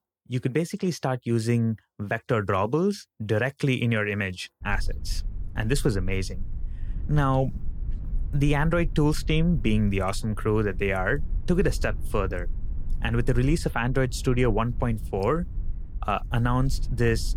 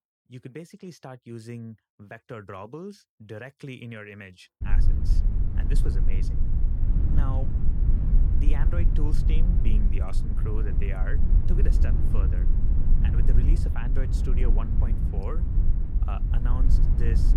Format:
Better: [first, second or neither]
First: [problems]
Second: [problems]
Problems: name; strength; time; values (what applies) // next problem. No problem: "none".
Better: first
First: low rumble; faint; from 4.5 s on; 25 dB below the speech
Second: low rumble; loud; from 4.5 s on; 1 dB below the speech